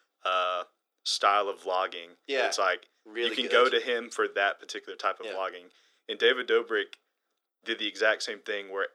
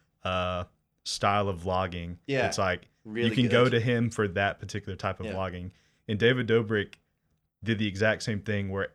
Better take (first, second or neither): second